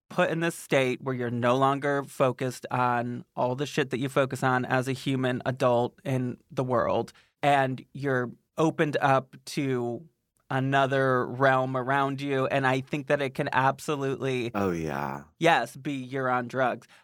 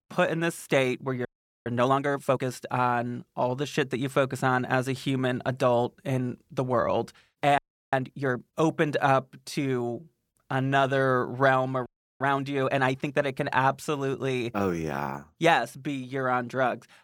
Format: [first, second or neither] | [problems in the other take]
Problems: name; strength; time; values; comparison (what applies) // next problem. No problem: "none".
first | audio freezing; at 1.5 s, at 7.5 s and at 12 s